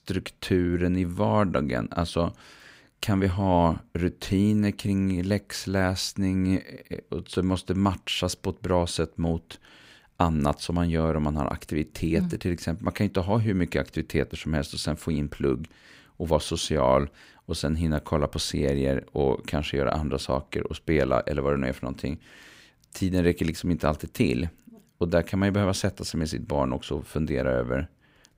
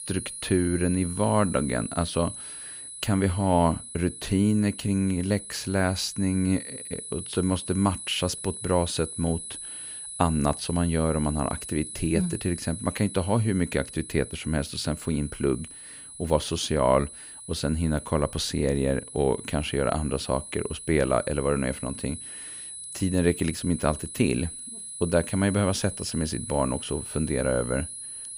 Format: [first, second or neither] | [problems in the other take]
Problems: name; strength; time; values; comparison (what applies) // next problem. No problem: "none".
first | high-pitched whine; loud; throughout; 10 kHz, 10 dB below the speech